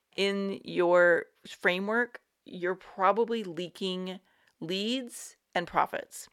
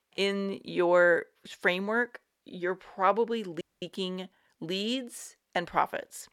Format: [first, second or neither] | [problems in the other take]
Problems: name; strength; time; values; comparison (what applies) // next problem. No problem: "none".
first | audio freezing; at 3.5 s